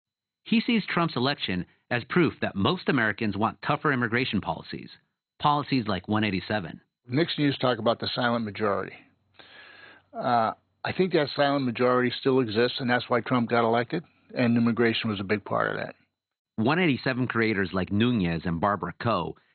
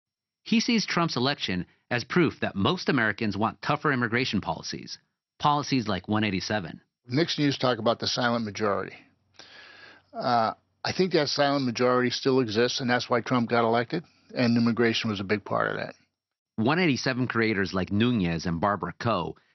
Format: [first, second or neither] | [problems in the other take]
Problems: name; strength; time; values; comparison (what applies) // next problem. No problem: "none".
second | garbled, watery; badly; nothing above 4 kHz; slightly in the second